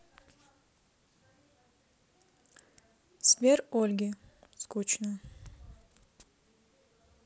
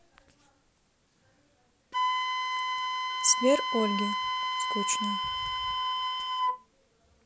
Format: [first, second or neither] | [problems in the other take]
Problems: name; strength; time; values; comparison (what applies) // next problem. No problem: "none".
first | background sound (Wind instrument, woodwind instrument); 2 dB above the speech